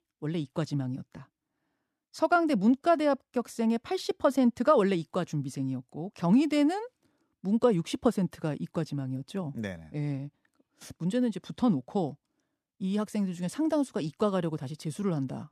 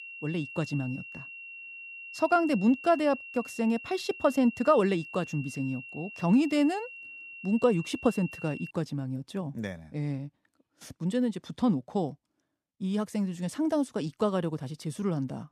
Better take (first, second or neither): first